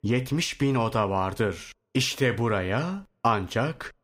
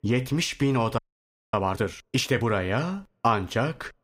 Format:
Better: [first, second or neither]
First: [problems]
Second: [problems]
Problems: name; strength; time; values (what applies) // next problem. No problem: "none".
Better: first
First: none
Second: audio freezing; at 1 s for 0.5 s